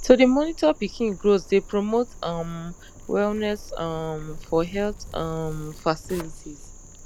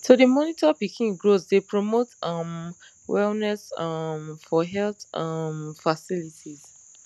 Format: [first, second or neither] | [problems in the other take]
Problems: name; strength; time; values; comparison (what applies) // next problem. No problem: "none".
second | background sound (Zipper (clothing)); 15 dB below the speech